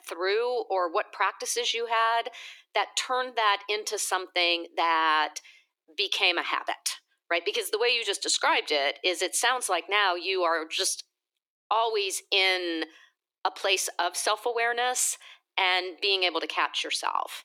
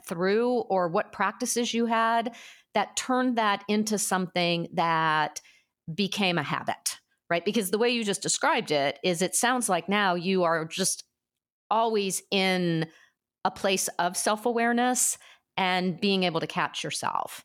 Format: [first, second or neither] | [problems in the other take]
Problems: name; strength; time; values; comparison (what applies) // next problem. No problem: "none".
second | thin; very; fading below 300 Hz